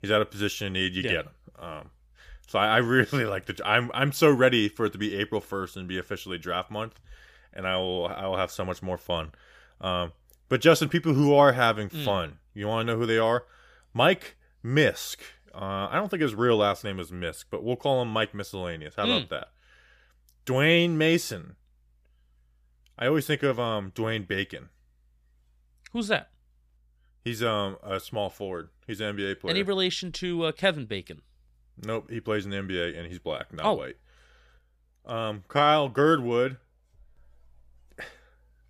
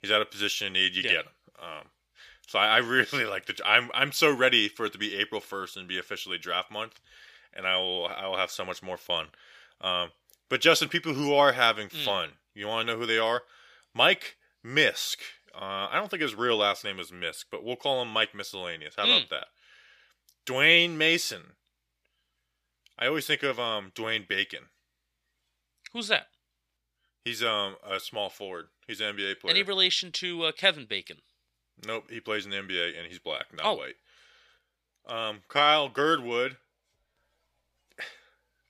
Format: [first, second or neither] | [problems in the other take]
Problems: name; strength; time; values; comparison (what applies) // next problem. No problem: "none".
first | thin; somewhat; fading below 1 kHz